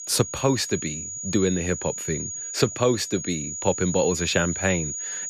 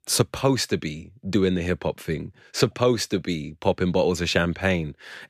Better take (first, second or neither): second